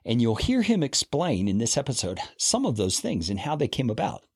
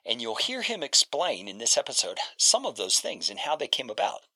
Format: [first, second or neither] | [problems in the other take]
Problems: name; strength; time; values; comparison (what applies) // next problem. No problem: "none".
first | thin; very; fading below 750 Hz